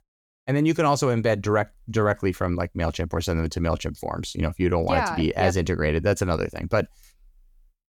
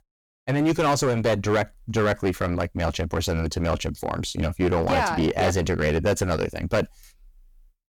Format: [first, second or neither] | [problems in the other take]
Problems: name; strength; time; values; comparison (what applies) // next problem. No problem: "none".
first | distortion; heavy; 11% of the sound clipped